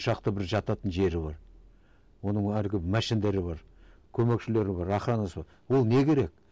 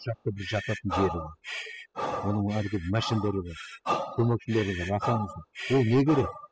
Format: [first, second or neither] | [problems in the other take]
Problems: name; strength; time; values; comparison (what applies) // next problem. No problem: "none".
first | noise reduction (classical method spectral subtraction)